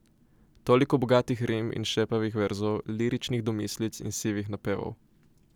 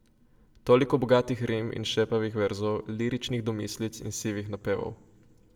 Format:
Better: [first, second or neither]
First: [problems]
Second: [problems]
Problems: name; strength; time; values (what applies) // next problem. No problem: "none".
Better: first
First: none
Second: room echo; dies away in 0.6 s